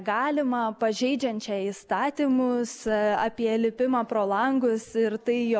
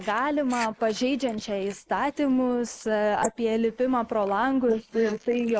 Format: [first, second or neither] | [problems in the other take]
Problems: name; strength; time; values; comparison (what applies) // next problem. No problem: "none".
first | noise reduction (neural mask model Resemble Enhance denoiser)